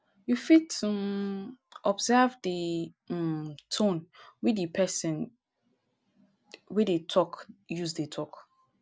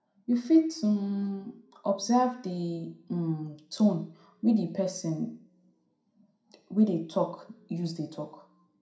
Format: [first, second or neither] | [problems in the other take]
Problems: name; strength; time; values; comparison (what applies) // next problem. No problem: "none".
first | room echo; dies away in 0.5 s